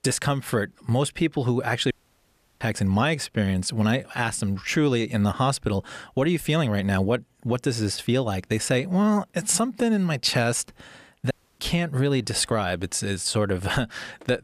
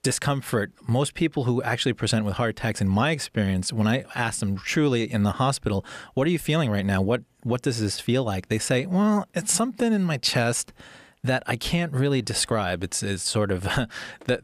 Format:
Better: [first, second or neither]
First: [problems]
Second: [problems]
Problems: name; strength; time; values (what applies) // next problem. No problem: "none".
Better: second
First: audio cutting out; at 2 s for 0.5 s and at 11 s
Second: none